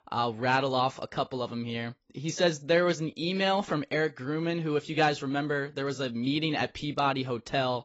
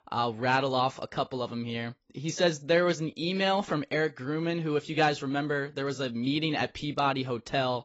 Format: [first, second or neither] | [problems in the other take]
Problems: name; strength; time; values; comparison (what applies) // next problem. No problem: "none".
neither | garbled, watery; badly; nothing above 7.5 kHz; the same in both